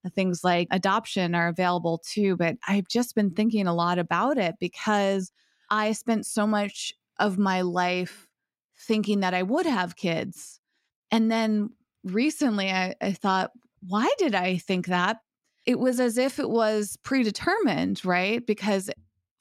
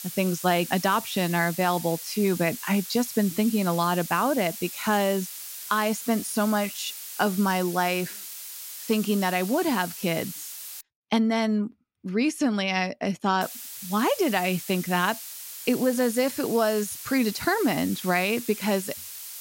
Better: first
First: none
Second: hiss; noticeable; until 11 s and from 13 s on; 10 dB below the speech

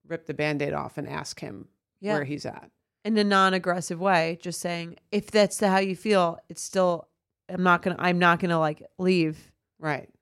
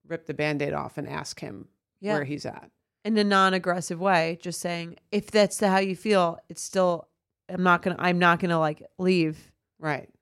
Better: neither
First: none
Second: none

